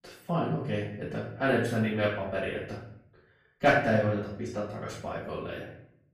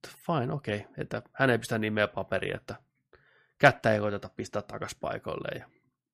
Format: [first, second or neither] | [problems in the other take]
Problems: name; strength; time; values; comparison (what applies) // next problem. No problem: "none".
second | off-mic speech; far // room echo; noticeable; dies away in 0.6 s